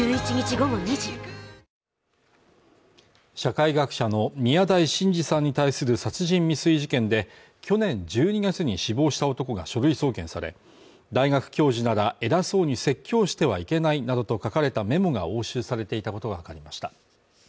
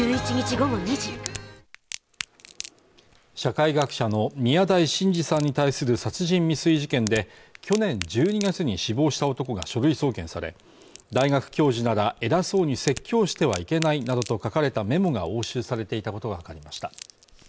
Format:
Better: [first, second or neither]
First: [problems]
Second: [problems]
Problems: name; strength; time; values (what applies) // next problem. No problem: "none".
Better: first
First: none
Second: background sound (Crack); 19 dB below the speech